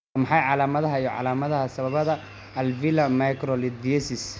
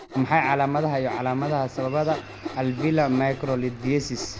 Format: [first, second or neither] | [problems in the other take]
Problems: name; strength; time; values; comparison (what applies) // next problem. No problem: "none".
first | background sound (Sawing); 13 dB below the speech